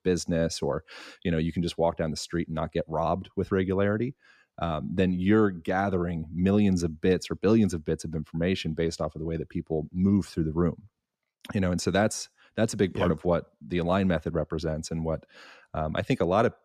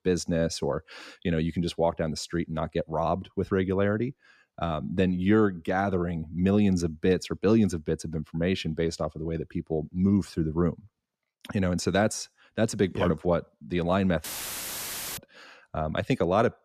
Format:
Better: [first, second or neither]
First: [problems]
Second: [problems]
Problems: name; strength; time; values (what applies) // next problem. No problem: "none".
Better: first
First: none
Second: audio cutting out; filled with static; at 14 s for 1 s